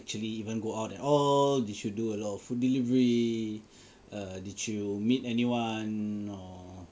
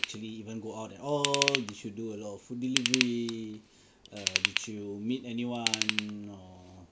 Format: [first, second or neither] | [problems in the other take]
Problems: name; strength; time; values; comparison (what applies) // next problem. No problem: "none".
first | background sound (Ratchet, pawl / Tools); as loud as the speech